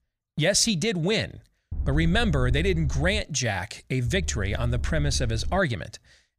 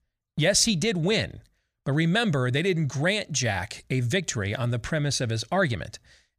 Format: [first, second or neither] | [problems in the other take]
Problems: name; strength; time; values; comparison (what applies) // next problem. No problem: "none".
second | low rumble; faint; from 1.5 to 3 s and from 4 to 5.5 s; 25 dB below the speech